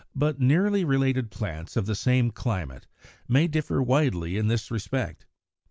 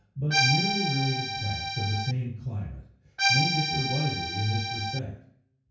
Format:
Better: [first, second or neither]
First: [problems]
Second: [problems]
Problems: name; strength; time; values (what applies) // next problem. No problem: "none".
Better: first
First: none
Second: background sound (Accordion); 2 dB above the speech // room echo; dies away in 0.6 s